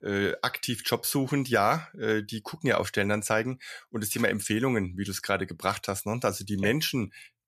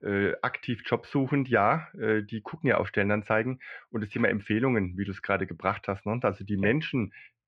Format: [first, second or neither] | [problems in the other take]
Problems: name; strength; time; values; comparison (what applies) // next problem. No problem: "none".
first | muffled; very; fading above 2.5 kHz